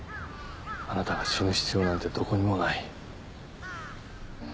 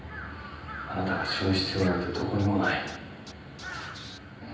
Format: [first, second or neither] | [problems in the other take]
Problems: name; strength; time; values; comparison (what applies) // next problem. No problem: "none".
first | background sound (Scratching (performance technique)); 18 dB below the speech // room echo; dies away in 0.9 s